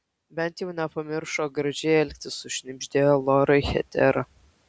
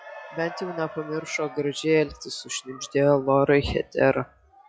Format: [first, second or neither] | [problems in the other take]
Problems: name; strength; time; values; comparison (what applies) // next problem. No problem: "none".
first | noise reduction (classical method log-MMSE)